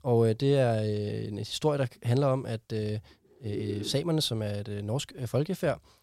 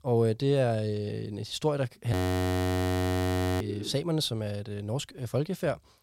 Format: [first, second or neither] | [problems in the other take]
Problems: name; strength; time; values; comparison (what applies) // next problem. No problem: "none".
first | audio freezing; at 2 s for 1.5 s